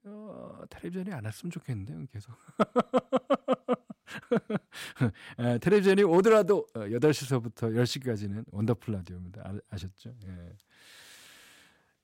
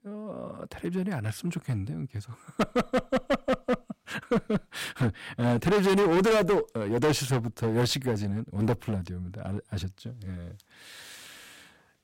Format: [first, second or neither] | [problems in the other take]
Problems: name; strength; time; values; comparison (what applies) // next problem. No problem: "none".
first | distortion; heavy; 10% of the sound clipped